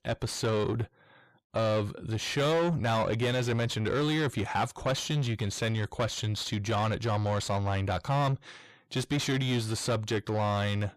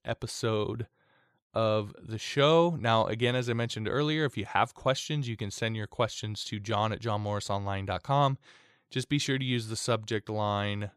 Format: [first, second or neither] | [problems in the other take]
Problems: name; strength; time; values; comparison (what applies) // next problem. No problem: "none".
second | distortion; heavy; 6 dB below the speech